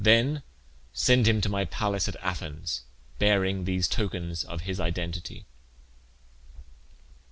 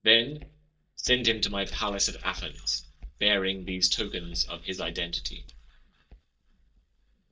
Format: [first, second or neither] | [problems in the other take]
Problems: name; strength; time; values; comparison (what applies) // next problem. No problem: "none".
first | noise reduction (neural mask model DeepFilterNet 3)